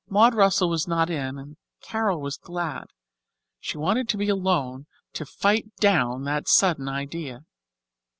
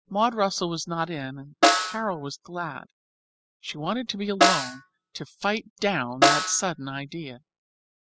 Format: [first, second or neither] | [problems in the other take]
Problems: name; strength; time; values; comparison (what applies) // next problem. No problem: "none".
first | noise reduction (classical method spectral subtraction)